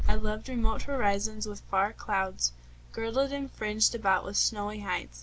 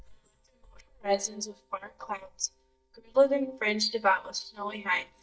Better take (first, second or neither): first